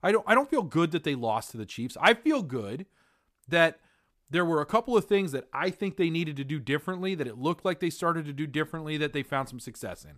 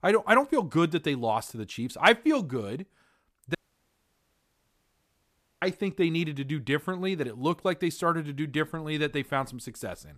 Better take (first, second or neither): first